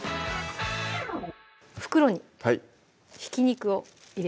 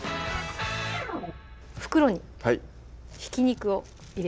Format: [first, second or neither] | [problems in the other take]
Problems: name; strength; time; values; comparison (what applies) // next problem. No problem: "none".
first | background sound (Fireworks); 16 dB below the speech